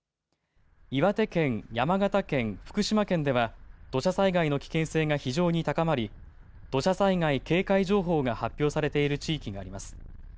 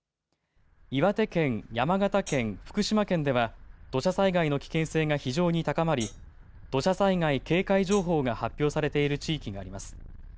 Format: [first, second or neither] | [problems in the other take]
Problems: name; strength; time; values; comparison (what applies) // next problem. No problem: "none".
first | background sound (Hi-hat); 16 dB below the speech